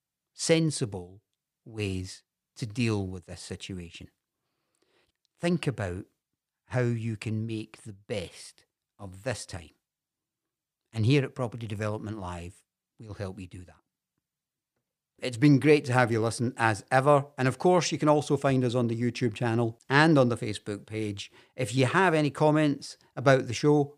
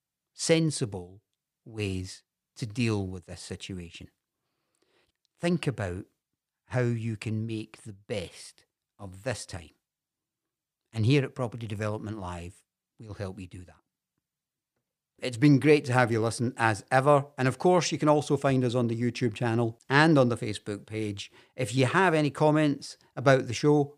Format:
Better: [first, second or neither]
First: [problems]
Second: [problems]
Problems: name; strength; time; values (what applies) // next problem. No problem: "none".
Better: neither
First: none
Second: none